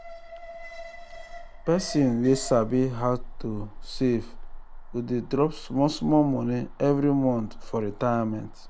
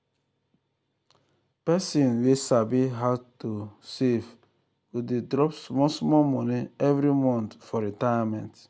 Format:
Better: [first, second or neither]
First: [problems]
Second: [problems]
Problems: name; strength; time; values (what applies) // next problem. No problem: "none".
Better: second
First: background sound (Alarm); 12 dB below the speech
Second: none